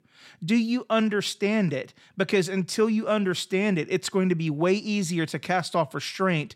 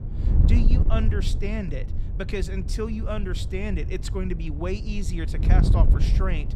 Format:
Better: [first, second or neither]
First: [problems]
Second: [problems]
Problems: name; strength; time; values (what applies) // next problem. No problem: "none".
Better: first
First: none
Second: wind noise on the microphone; heavy; 6 dB below the speech